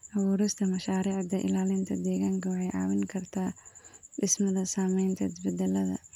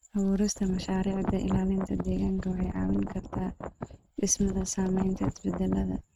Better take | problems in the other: first | noise reduction (neural mask model RNNoise)

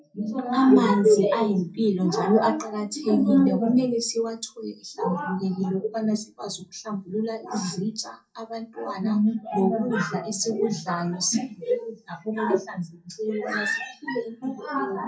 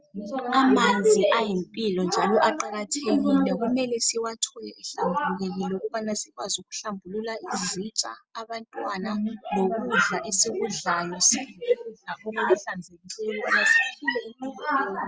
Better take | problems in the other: second | room echo; dies away in 0.3 s

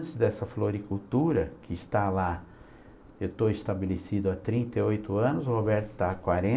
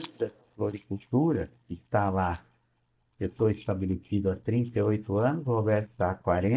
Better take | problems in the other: first | noise reduction (neural mask model DeepFilterNet 3)

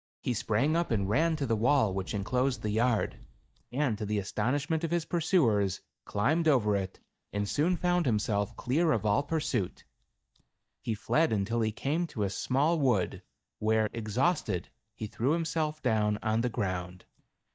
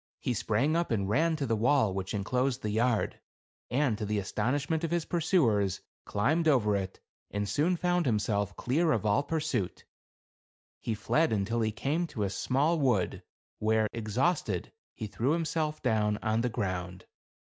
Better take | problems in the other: second | noise reduction (neural mask model DeepFilterNet 3)

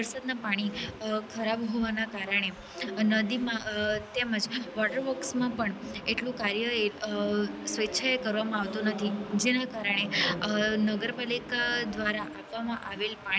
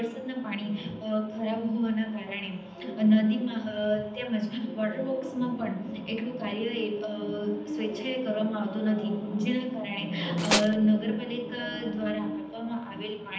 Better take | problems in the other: first | background sound (Tools); 1 dB above the speech // room echo; dies away in 0.8 s

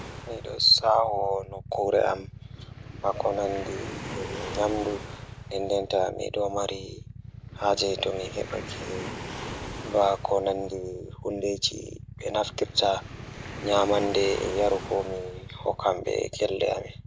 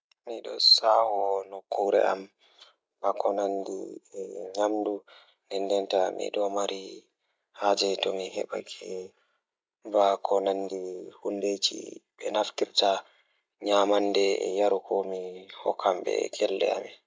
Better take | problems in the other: second | background sound (Idling / Motorcycle + Waves, surf); 11 dB below the speech

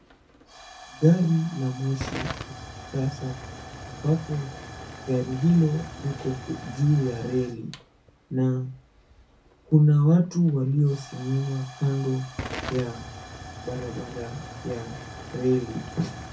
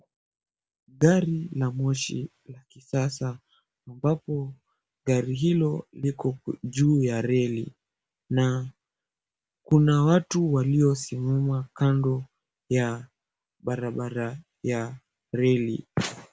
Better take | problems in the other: second | background sound (Tick / Hiss / Explosion / Fire); 14 dB below the speech // room echo; dies away in 0.3 s

